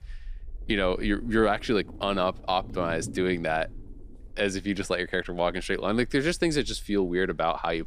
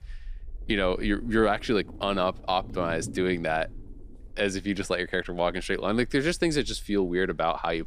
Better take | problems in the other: neither | low rumble; faint; throughout; 25 dB below the speech; the same in both

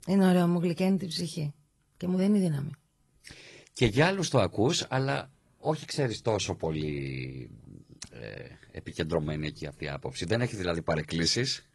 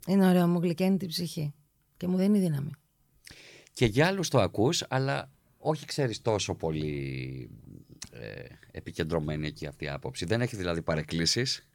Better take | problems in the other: second | garbled, watery; slightly; nothing above 11.5 kHz

